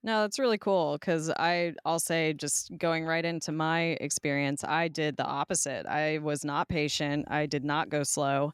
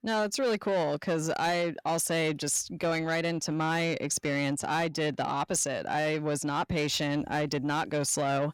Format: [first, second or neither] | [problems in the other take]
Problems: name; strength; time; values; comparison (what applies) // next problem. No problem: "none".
first | distortion; slight; 10 dB below the speech